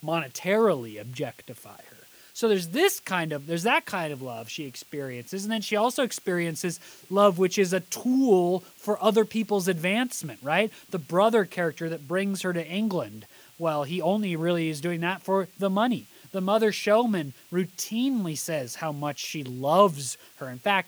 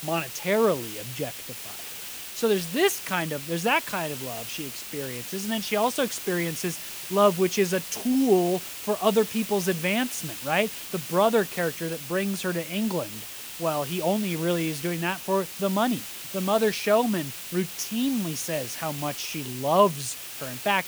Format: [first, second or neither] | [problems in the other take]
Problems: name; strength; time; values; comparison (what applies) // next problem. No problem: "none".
first | hiss; loud; throughout; 8 dB below the speech; faint in the first